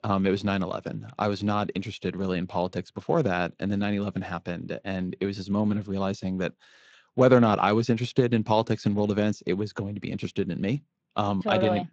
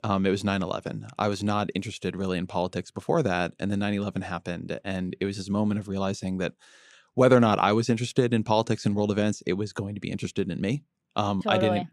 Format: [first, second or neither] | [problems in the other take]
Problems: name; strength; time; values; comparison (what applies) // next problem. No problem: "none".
second | garbled, watery; slightly